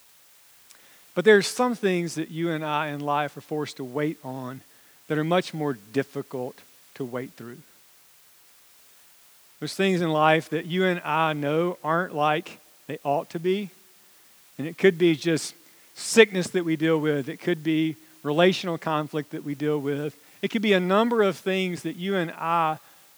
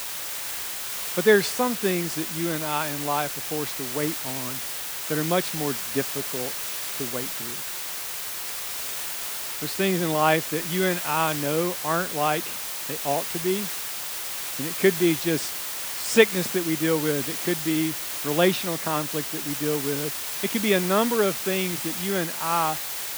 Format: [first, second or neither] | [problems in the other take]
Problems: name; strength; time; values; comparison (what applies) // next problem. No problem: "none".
first | hiss; loud; throughout; 3 dB below the speech; faint in the first